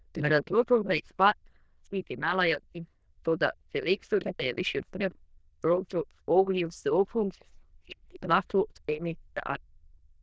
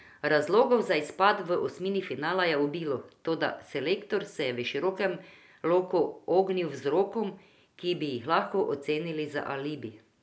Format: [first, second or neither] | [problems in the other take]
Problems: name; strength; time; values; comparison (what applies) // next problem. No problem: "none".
second | noise reduction (neural diffusion model UNIVERSE++)